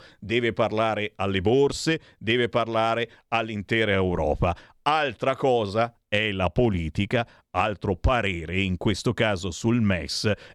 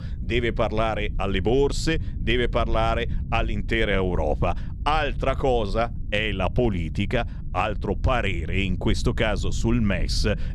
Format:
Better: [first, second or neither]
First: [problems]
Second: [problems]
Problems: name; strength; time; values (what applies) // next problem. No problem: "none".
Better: first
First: none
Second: low rumble; faint; throughout; 20 dB below the speech